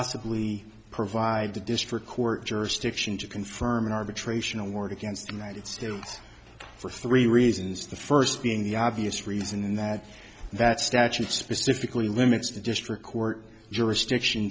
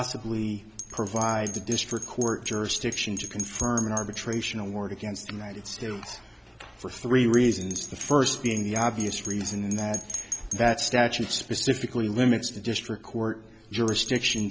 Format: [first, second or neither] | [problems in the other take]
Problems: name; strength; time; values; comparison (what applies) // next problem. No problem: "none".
first | background sound (Bell); 12 dB below the speech